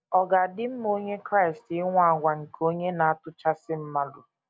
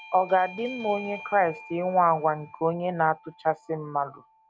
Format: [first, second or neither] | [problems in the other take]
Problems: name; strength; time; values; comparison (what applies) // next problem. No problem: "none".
first | background sound (Bell / Doorbell); 19 dB below the speech